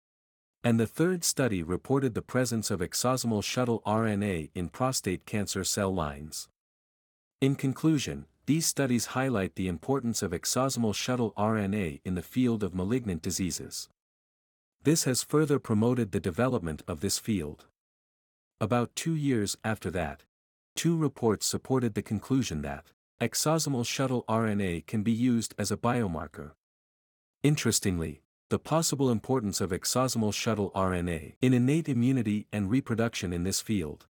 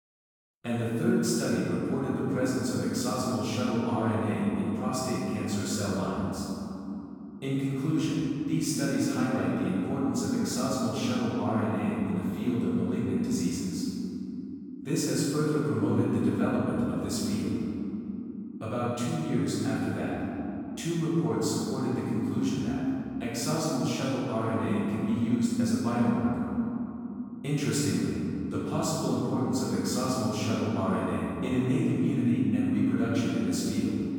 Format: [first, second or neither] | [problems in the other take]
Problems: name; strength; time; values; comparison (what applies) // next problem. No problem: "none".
first | room echo; strong; dies away in 3 s // off-mic speech; far